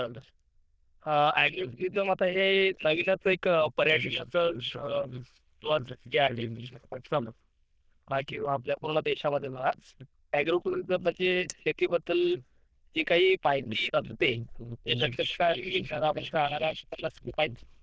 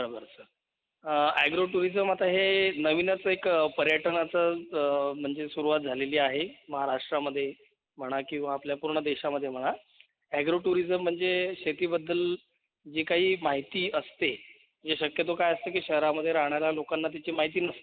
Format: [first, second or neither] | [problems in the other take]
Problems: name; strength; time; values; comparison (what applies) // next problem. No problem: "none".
second | noise reduction (neural diffusion model UNIVERSE++)